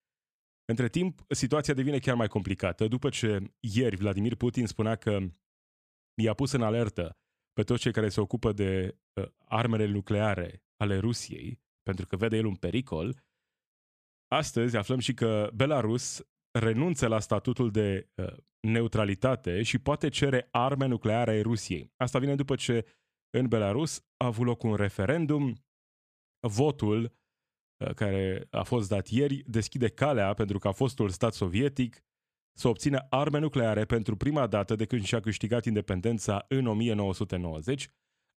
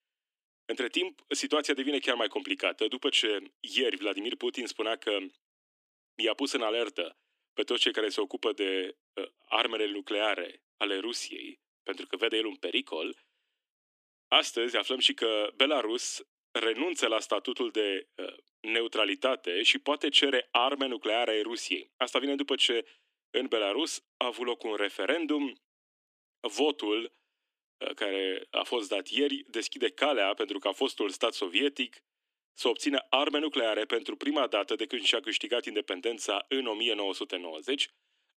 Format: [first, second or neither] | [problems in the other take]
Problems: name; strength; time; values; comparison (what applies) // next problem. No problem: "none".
first | thin; somewhat; fading below 300 Hz